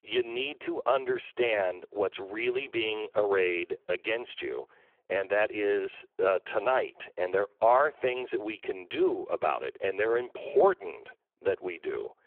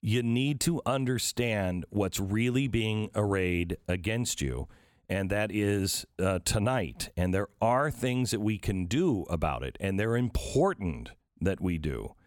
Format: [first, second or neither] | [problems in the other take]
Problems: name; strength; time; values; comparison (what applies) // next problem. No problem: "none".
second | phone-call audio; poor line